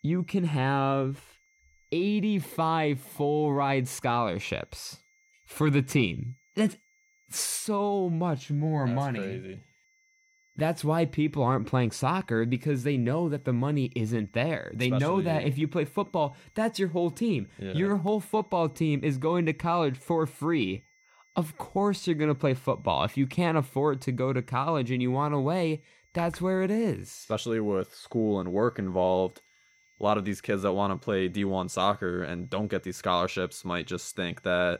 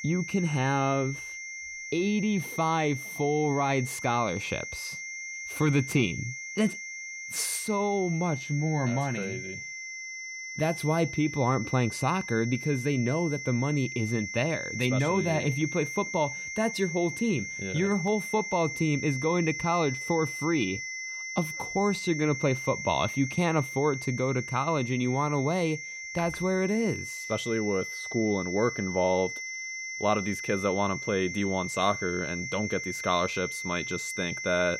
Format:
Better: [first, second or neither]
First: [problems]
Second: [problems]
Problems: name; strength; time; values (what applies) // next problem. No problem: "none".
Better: first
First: high-pitched whine; faint; throughout; 2 kHz, 35 dB below the speech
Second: high-pitched whine; loud; throughout; 2 kHz, 6 dB below the speech